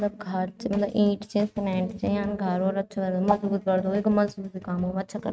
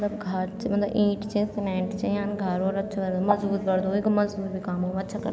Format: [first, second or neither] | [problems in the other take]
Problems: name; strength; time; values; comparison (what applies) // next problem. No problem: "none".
second | noise reduction (neural mask model RNNoise)